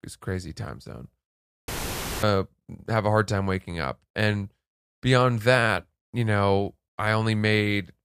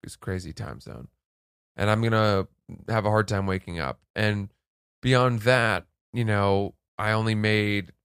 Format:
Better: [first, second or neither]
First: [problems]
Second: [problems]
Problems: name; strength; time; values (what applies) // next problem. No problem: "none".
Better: second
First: audio cutting out; filled with static; at 1.5 s for 0.5 s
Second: none